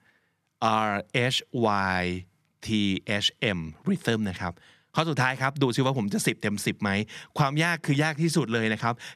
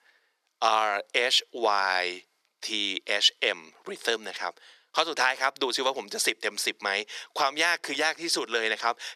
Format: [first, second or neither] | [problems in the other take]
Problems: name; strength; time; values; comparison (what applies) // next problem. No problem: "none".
first | thin; very; fading below 400 Hz